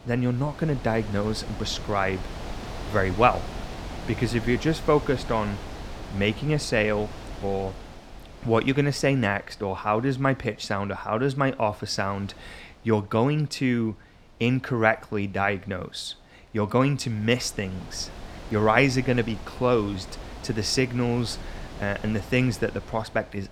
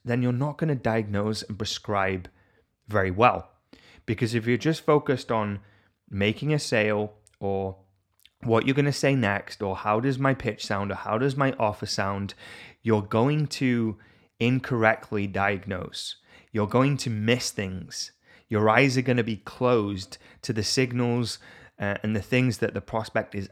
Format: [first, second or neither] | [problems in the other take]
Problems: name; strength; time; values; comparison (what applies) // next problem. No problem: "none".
second | wind noise on the microphone; occasional gusts; 15 dB below the speech